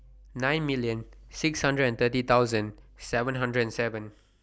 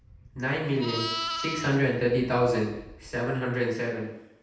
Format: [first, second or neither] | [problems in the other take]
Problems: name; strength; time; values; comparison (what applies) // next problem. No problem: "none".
first | background sound (Livestock, farm animals, working animals); 11 dB below the speech // room echo; dies away in 0.8 s